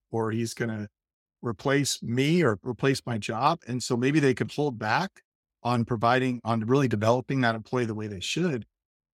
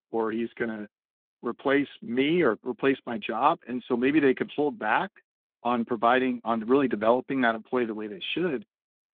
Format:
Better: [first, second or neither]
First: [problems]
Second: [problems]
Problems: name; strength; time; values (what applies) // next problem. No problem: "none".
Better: first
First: none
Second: phone-call audio; nothing above 3.5 kHz